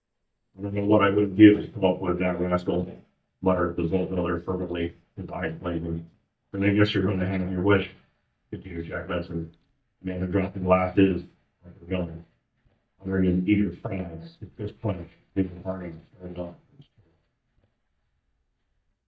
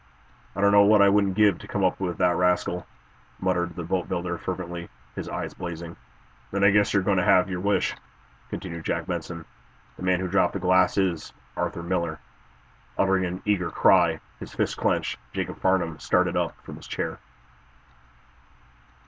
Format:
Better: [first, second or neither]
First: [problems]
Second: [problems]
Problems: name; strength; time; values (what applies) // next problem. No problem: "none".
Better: second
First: noise reduction (neural mask model DeepFilterNet 3)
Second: none